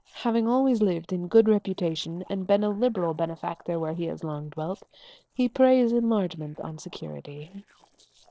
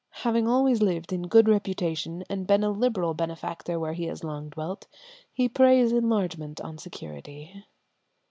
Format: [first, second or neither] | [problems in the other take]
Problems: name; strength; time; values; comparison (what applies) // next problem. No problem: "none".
second | noise reduction (neural separator model SepFormer DNS4)